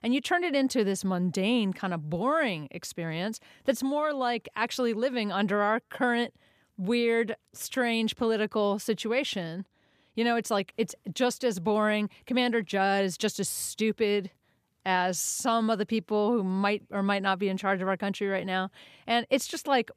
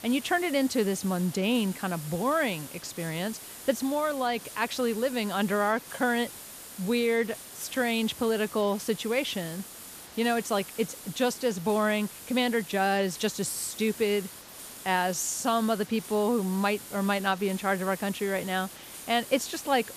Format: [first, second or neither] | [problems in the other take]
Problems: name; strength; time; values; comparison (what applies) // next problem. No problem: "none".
first | hiss; noticeable; throughout; 15 dB below the speech